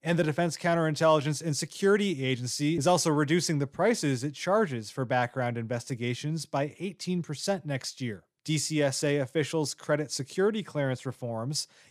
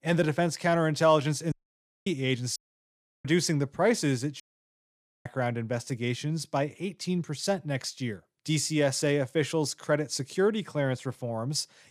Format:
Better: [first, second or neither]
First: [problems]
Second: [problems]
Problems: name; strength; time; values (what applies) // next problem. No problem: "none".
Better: first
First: none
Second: audio cutting out; at 1.5 s for 0.5 s, at 2.5 s for 0.5 s and at 4.5 s for 1 s